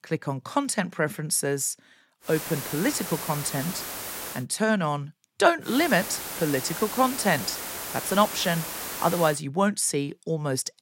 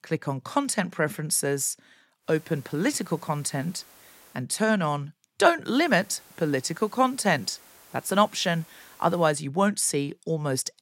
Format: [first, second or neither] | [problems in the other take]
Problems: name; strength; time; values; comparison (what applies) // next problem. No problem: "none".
second | hiss; loud; from 2.5 to 4.5 s and from 5.5 to 9.5 s; 7 dB below the speech; faint in the second